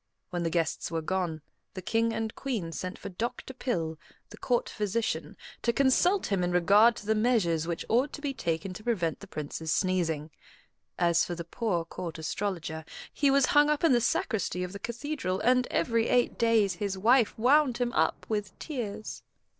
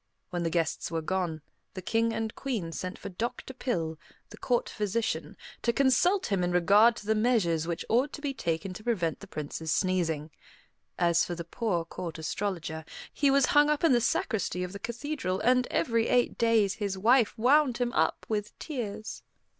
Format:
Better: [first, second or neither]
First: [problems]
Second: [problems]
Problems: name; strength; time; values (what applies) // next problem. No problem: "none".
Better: second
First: noise reduction (neural separator model SepFormer DNS4)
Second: none